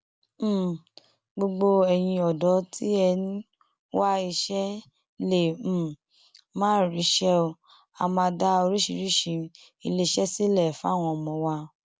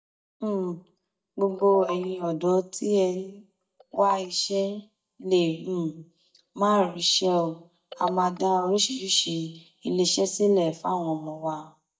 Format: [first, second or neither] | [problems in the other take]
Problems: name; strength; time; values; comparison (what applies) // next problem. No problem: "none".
first | noise reduction (neural mask model DeepFilterNet 3)